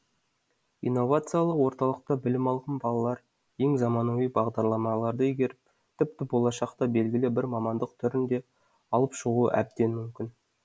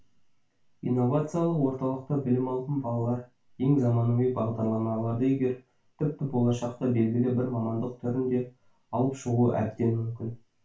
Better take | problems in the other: first | room echo; dies away in 0.2 s

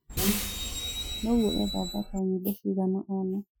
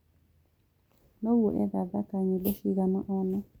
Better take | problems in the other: second | noise reduction (classical method Wiener filter)

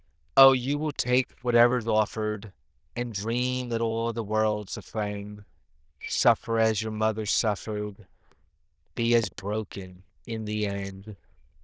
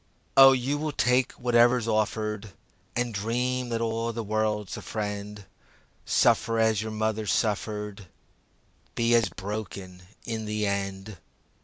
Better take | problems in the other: second | noise reduction (neural diffusion model UNIVERSE++)

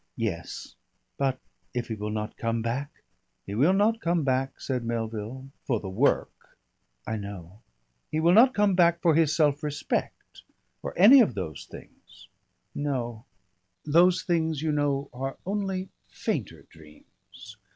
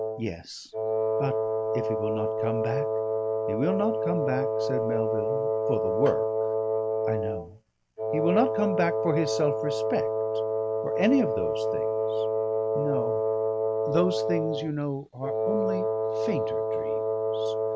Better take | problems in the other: first | background sound (Wind instrument, woodwind instrument); 4 dB above the speech

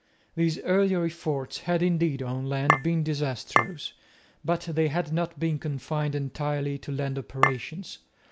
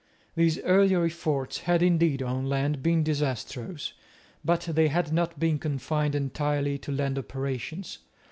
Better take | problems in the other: second | background sound (Chink, clink); 2 dB above the speech

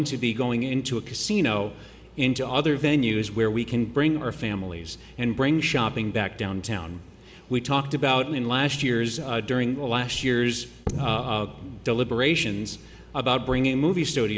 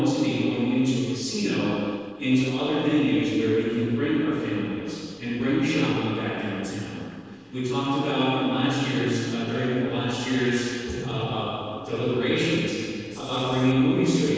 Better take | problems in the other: first | noise reduction (neural separator model SepFormer DNS4)

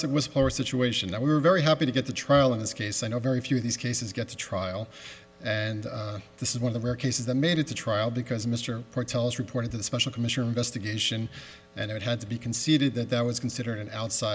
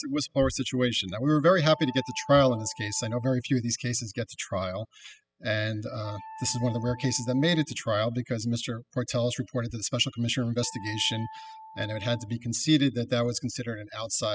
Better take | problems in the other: first | noise reduction (classical method spectral subtraction)

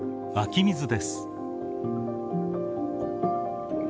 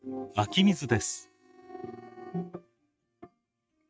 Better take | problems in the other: first | noise reduction (neural mask model RNNoise)

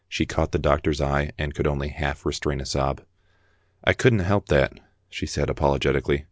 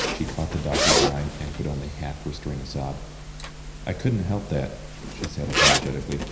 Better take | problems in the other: first | background sound (Zipper (clothing)); 2 dB above the speech // room echo; dies away in 0.9 s

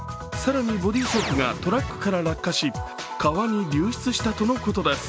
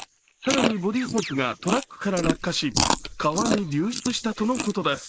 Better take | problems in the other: first | noise reduction (neural mask model Resemble Enhance denoiser)

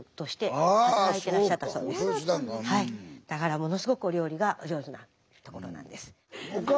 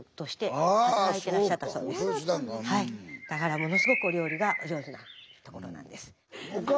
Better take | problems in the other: first | background sound (Bird); 4 dB below the speech

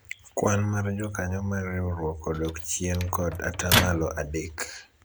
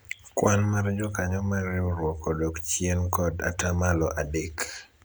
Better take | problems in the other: second | background sound (Microwave oven); 2 dB below the speech

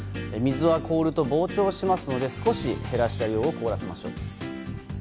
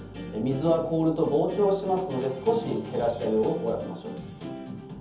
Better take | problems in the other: first | room echo; dies away in 0.7 s

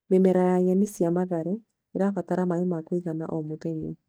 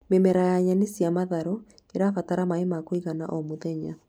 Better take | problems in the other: second | noise reduction (neural mask model DeepFilterNet 3)

